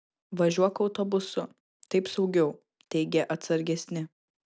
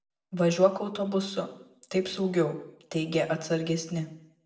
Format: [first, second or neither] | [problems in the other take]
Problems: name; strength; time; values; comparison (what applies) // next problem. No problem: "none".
first | room echo; dies away in 0.5 s